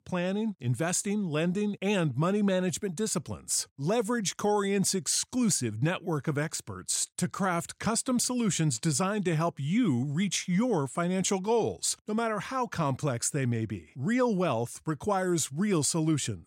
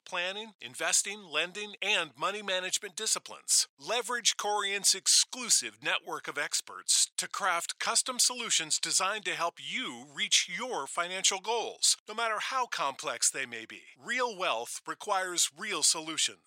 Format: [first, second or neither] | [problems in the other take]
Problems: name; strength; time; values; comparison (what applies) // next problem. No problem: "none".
first | thin; very; fading below 750 Hz